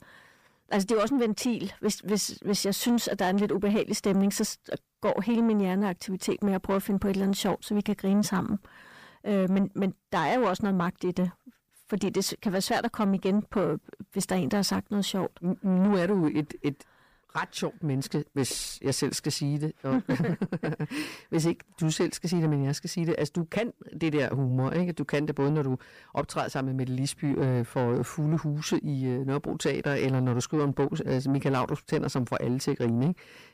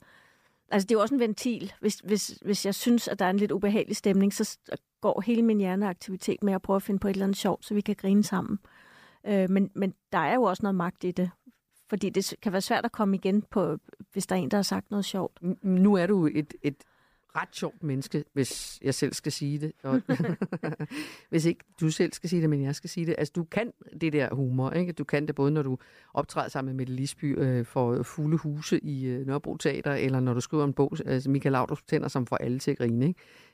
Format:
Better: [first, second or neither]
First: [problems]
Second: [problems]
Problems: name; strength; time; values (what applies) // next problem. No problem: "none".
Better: second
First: distortion; slight; 10 dB below the speech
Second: none